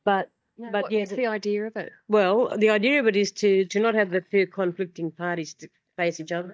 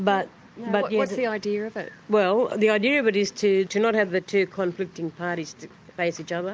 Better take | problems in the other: second | noise reduction (neural mask model DeepFilterNet 3)

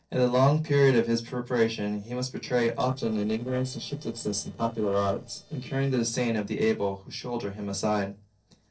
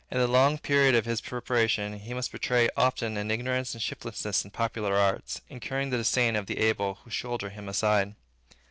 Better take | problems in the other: second | noise reduction (neural separator model SepFormer DNS4)

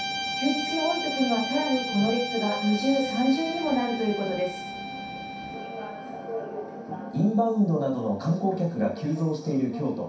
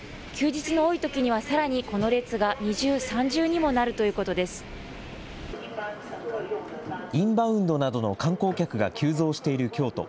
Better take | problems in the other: second | background sound (Guitar); 8 dB below the speech // room echo; dies away in 0.6 s

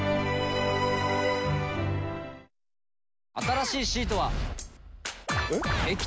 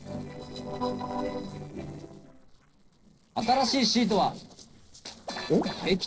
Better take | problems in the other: first | noise reduction (neural separator model SepFormer DNS4)

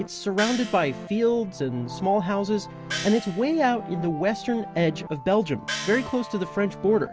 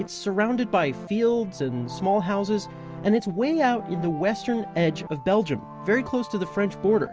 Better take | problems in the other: second | background sound (Gong); 11 dB below the speech

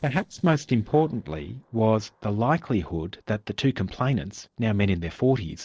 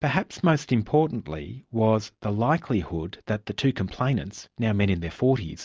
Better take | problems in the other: second | noise reduction (neural separator model SepFormer DNS4)

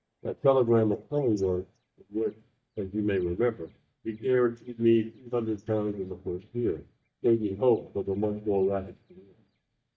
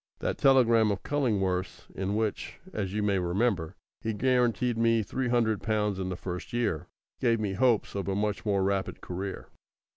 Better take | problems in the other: second | noise reduction (neural mask model DeepFilterNet 3)

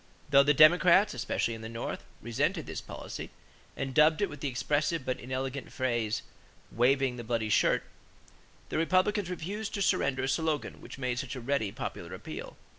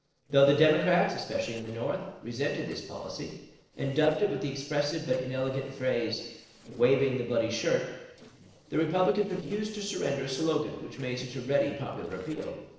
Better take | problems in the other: first | noise reduction (neural separator model SepFormer DNS4)

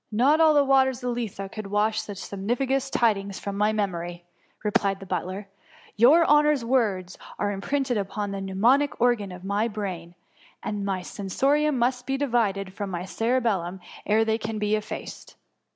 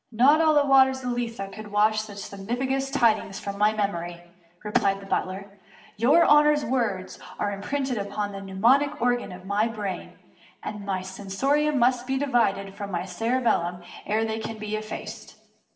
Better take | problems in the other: first | room echo; dies away in 0.8 s

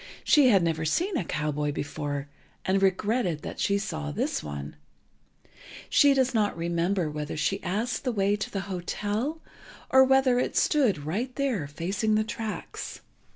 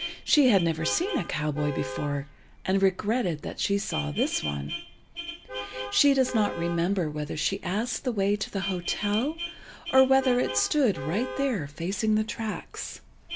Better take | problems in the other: first | background sound (Vehicle horn, car horn, honking); 11 dB below the speech

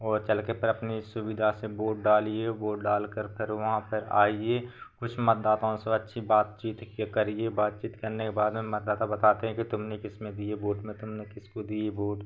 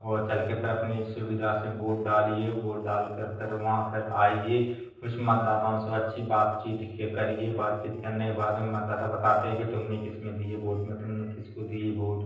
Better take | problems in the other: first | noise reduction (neural separator model SepFormer DNS4)

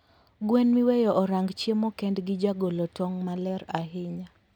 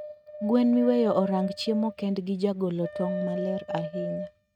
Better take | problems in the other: first | noise reduction (neural mask model RNNoise)

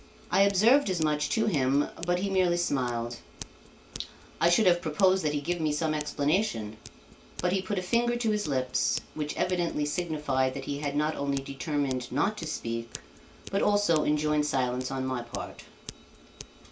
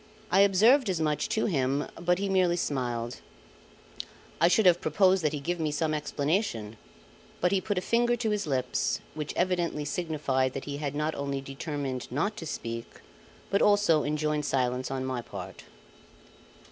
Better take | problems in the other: second | background sound (Scissors); 19 dB below the speech // room echo; dies away in 0.2 s

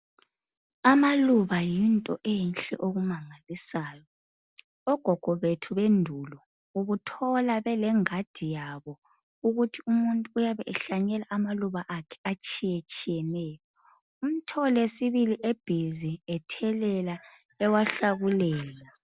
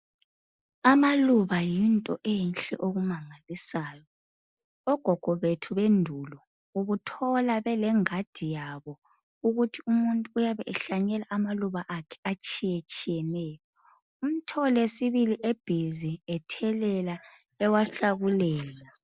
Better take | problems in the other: first | noise reduction (neural mask model Resemble Enhance denoiser)

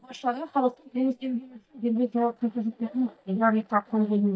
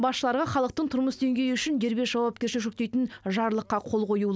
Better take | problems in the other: second | noise reduction (neural mask model DeepFilterNet 3)

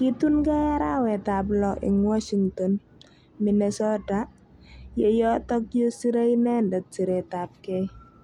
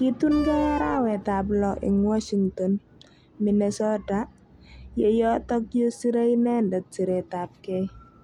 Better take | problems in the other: first | background sound (Wind instrument, woodwind instrument); 12 dB below the speech

